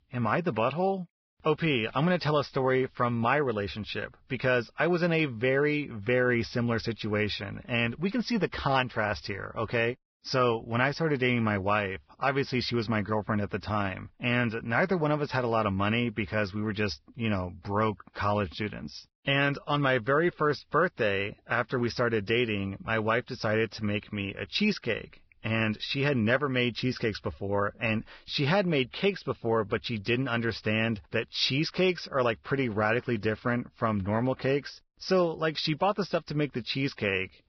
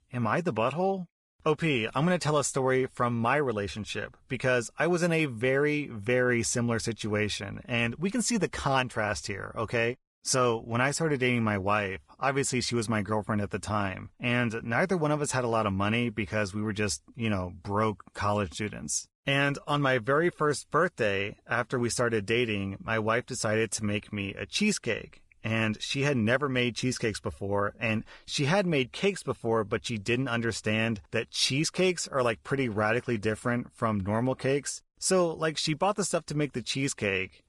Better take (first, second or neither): second